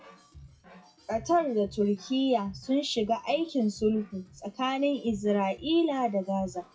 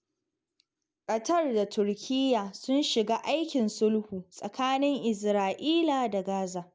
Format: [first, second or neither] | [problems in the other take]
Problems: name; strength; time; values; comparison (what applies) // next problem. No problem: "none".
second | noise reduction (classical method WPE with log-MMSE)